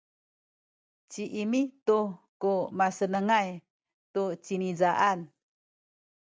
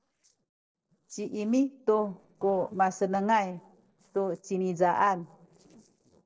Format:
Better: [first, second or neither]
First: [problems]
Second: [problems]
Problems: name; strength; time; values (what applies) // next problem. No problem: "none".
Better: first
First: none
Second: noise reduction (neural separator model SepFormer DNS4)